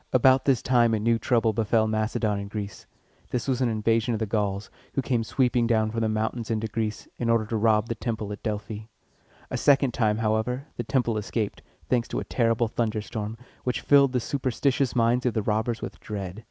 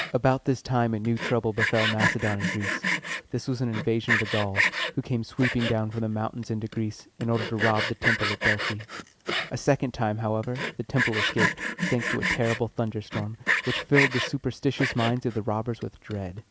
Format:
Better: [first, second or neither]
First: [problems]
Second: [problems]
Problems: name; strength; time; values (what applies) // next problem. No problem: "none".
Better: first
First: none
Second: background sound (Sawing); 3 dB below the speech